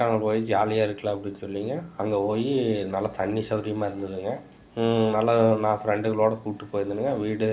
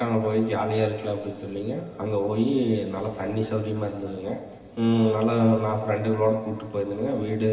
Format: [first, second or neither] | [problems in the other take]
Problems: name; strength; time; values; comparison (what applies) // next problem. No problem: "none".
first | room echo; dies away in 2.3 s